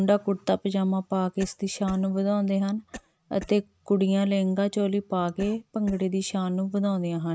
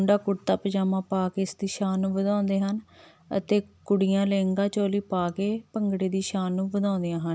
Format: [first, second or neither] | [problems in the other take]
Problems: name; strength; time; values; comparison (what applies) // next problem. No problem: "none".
second | noise reduction (neural mask model RNNoise)